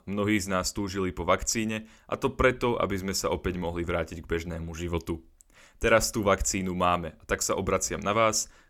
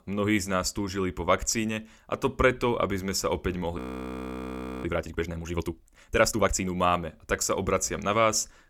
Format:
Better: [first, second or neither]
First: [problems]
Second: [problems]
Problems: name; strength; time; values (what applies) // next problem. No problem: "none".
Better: first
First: none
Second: audio freezing; at 4 s for 1 s